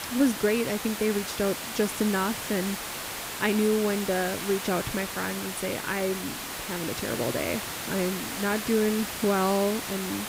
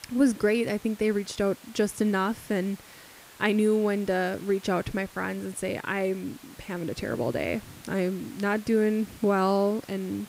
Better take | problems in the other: second | hiss; loud; throughout; 5 dB below the speech; faint in the second

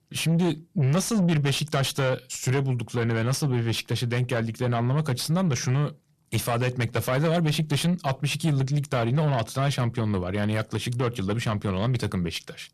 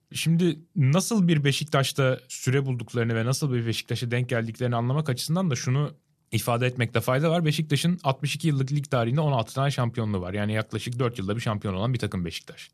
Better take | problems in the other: second | distortion; slight; 10 dB below the speech

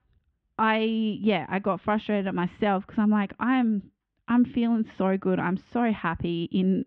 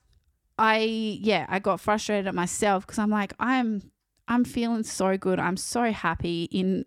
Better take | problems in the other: second | muffled; very; fading above 3 kHz

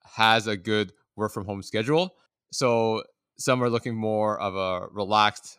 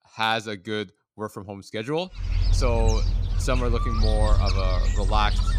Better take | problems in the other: first | animal sounds; very loud; from 2.5 s on; 4 dB above the speech

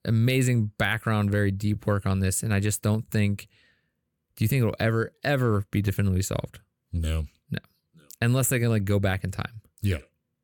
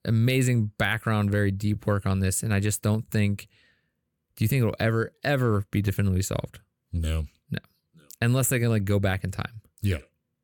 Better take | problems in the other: neither | none

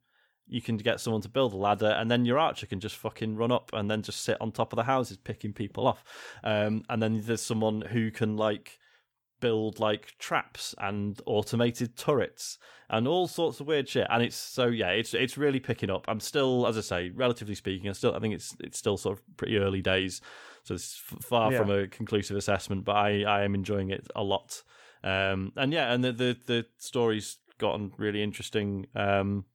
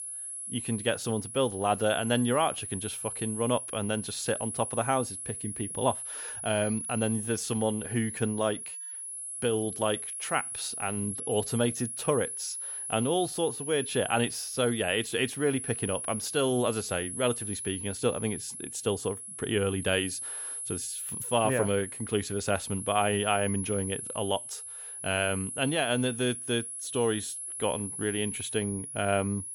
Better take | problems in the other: first | high-pitched whine; loud; throughout; 10.5 kHz, 5 dB below the speech

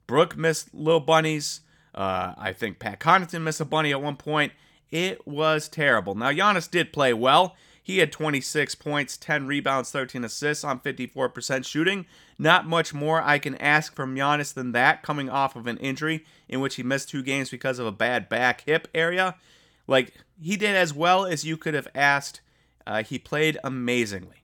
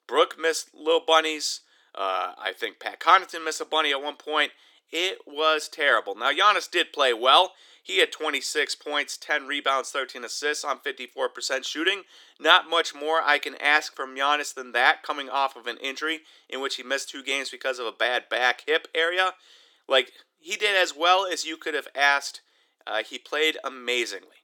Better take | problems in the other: first | thin; very; fading below 350 Hz

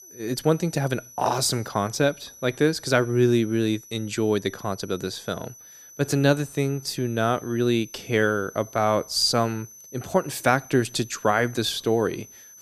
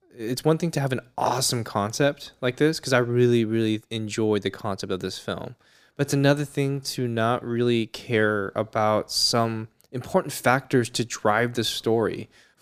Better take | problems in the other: second | high-pitched whine; noticeable; throughout; 6 kHz, 20 dB below the speech

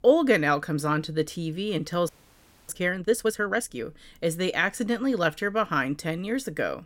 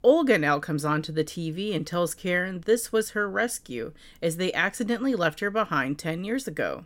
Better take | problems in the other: second | audio freezing; at 2 s for 0.5 s

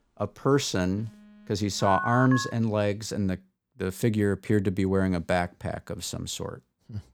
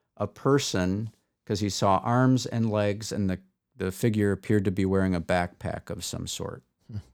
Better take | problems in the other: second | alarms or sirens; loud; until 2.5 s; 5 dB below the speech

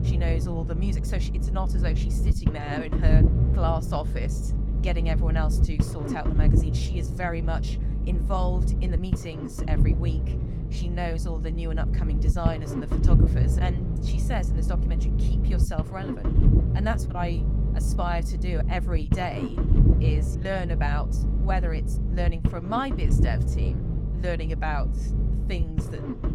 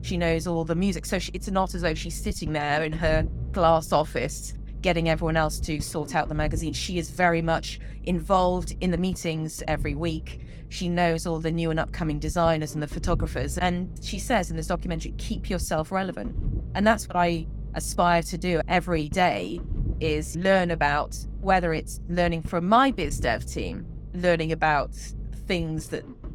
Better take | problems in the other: second | low rumble; loud; throughout; 4 dB below the speech; faint in the second

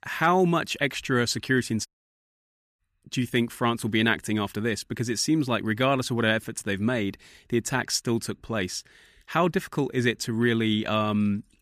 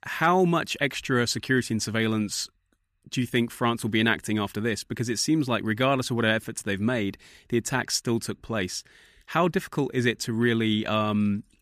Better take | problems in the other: second | audio cutting out; at 2 s for 1 s

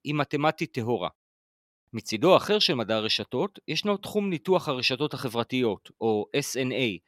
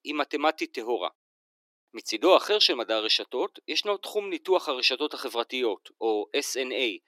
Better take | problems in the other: first | thin; somewhat; fading below 300 Hz

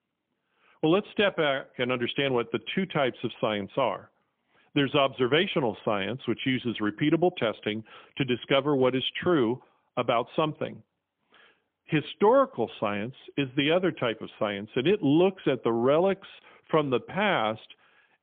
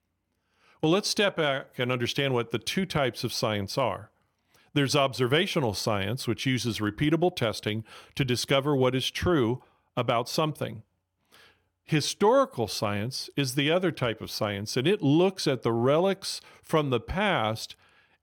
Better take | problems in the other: second | phone-call audio; poor line; nothing above 3.5 kHz

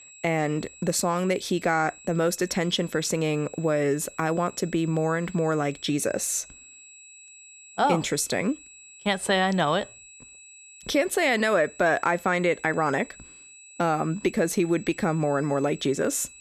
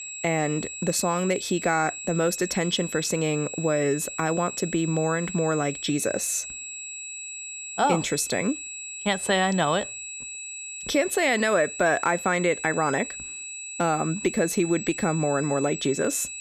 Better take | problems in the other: first | high-pitched whine; loud; throughout; 7.5 kHz, 9 dB below the speech; faint in the first

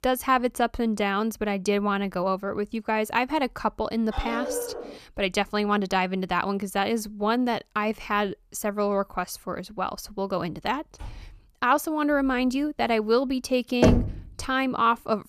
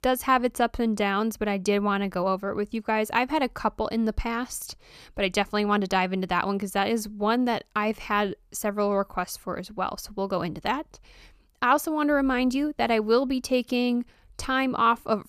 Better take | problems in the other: second | dog barking; noticeable; at 4 s; peak 5 dB below the speech // door banging; faint; at 11 s; peak 15 dB below the speech // door banging; loud; at 14 s; peak 4 dB above the speech

